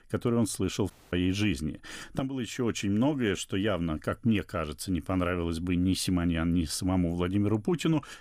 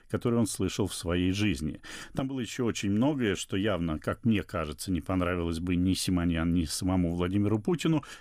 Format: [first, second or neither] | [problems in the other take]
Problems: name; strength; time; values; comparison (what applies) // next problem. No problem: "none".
second | audio cutting out; at 1 s